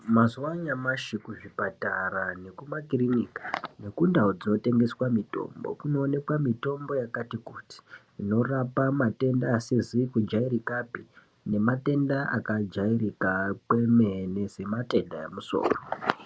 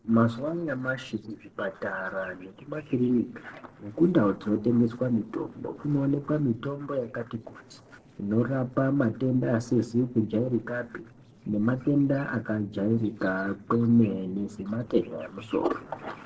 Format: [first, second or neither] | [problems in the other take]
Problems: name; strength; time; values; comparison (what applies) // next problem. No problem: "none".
first | noise reduction (neural separator model SepFormer DNS4)